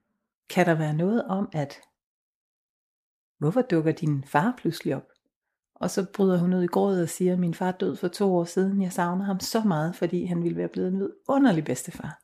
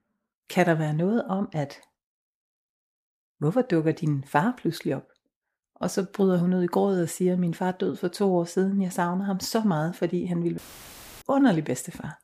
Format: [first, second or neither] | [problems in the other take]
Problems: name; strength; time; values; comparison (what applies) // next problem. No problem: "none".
first | audio cutting out; filled with static; at 11 s for 0.5 s